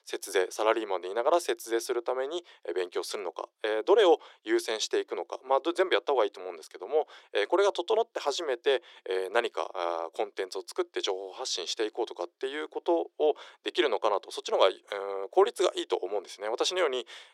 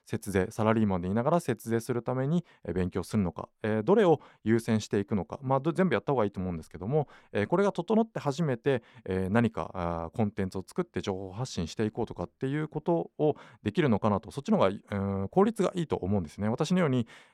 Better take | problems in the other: second | thin; very; fading below 350 Hz

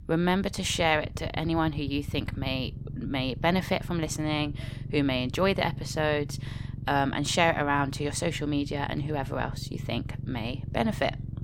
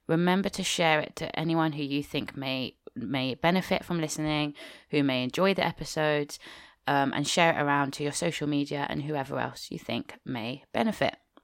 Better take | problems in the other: second | low rumble; faint; throughout; 20 dB below the speech

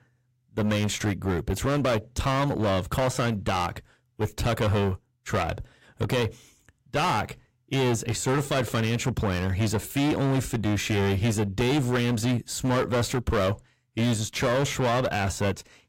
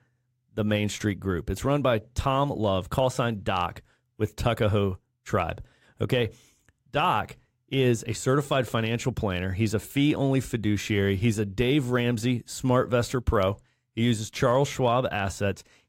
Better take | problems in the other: second | distortion; heavy; 19% of the sound clipped

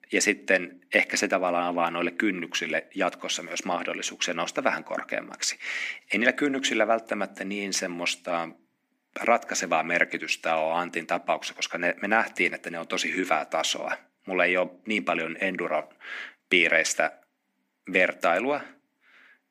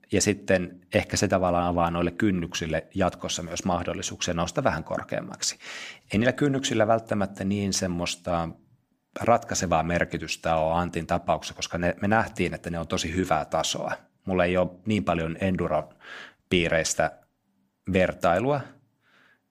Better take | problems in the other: second | thin; very slightly; fading below 250 Hz

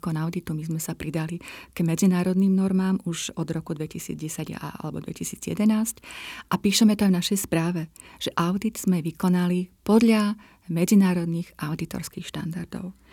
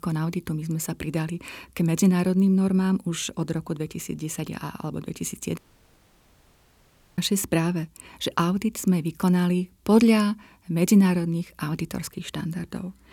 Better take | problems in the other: first | audio cutting out; at 5.5 s for 1.5 s

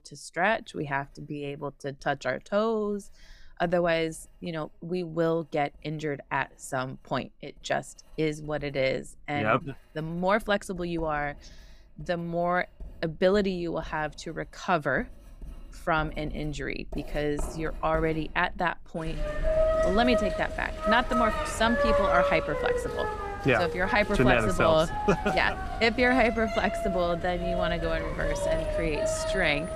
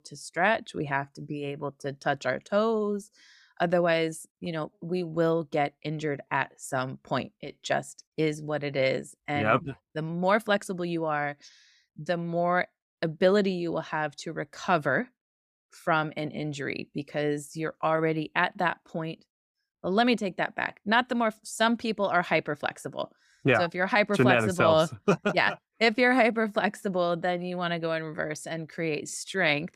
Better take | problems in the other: second | household noises; loud; throughout; 3 dB below the speech

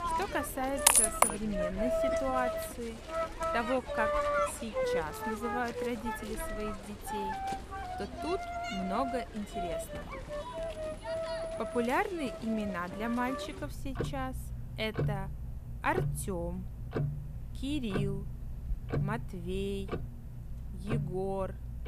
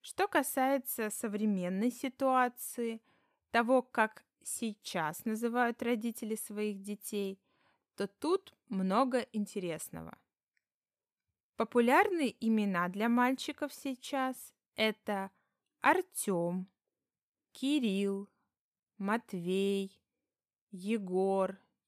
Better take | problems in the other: second | household noises; very loud; throughout; 2 dB above the speech

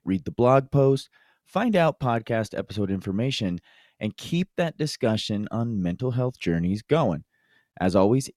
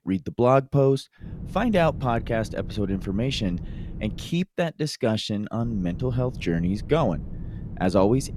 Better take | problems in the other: first | low rumble; faint; from 1 to 4 s and from 5.5 s on; 20 dB below the speech

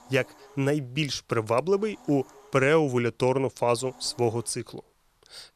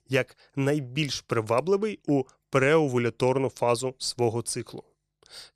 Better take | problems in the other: second | hiss; faint; throughout; 25 dB below the speech

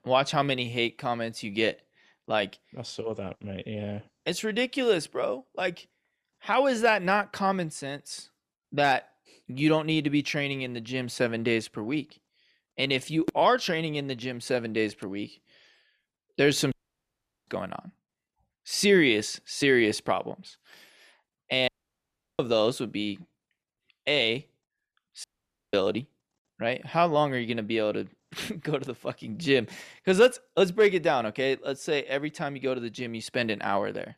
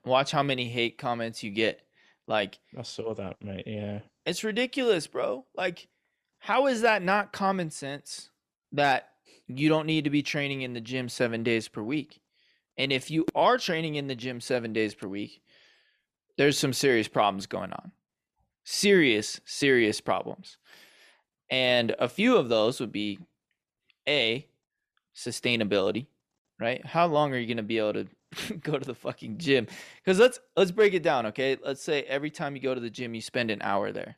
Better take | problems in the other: second | audio cutting out; at 17 s for 1 s, at 22 s for 0.5 s and at 25 s

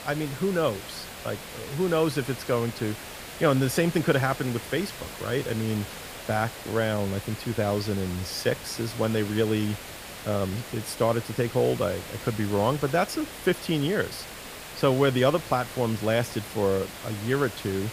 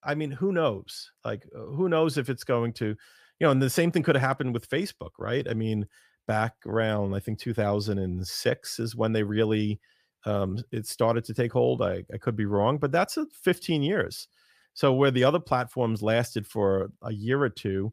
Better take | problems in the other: second | hiss; noticeable; throughout; 10 dB below the speech

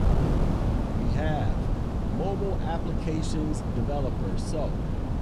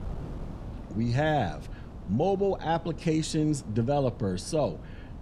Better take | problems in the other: second | wind noise on the microphone; heavy; 1 dB below the speech; occasional gusts in the second

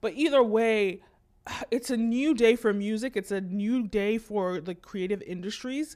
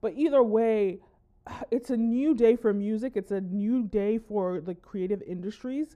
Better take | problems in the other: first | muffled; slightly; fading above 1.5 kHz

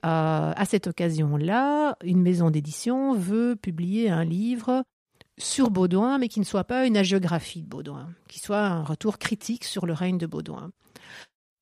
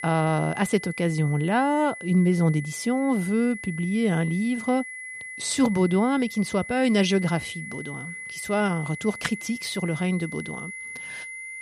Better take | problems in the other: first | high-pitched whine; noticeable; throughout; 2 kHz, 10 dB below the speech

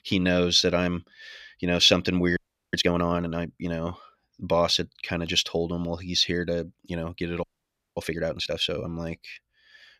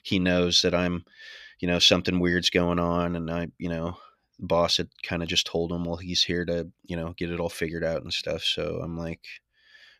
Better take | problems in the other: second | audio freezing; at 2.5 s and at 7.5 s for 0.5 s

